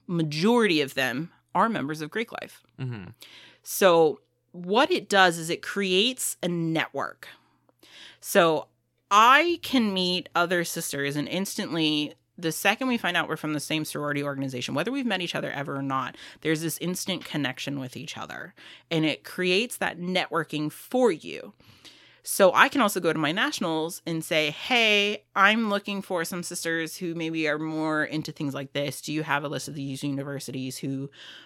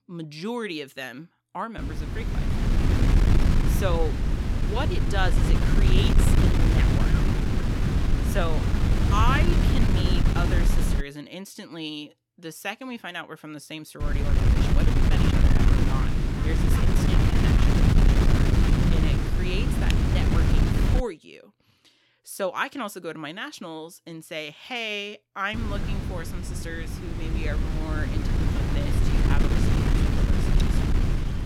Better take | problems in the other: first | wind noise on the microphone; heavy; from 2 to 11 s, from 14 to 21 s and from 26 s on; 1 dB above the speech

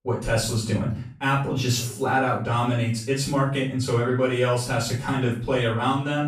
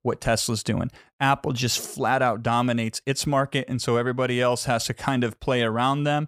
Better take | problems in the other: second | room echo; noticeable; dies away in 0.4 s // off-mic speech; far

